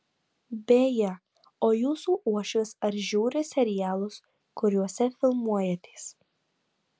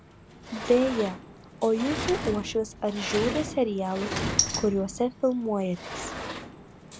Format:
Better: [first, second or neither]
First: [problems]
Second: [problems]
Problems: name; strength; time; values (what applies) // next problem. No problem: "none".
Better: first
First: none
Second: background sound (Sliding door); 6 dB below the speech